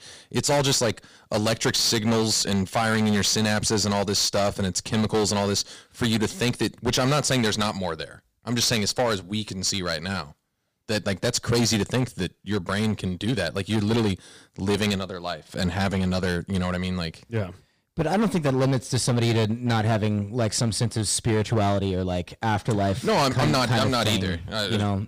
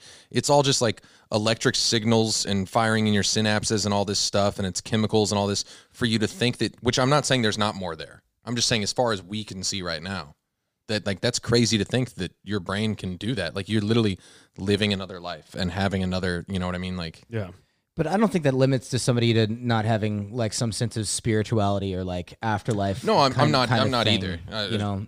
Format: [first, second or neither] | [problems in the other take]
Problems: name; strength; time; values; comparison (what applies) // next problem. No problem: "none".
second | distortion; heavy; 11% of the sound clipped